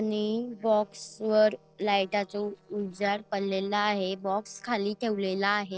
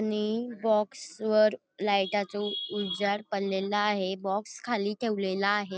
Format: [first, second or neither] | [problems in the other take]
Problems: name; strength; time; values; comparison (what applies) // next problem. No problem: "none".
second | noise reduction (neural separator model SepFormer DNS4)